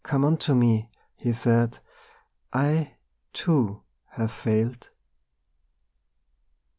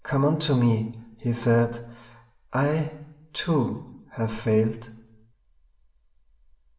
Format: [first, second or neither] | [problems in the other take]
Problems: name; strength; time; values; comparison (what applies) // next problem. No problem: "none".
first | room echo; dies away in 0.8 s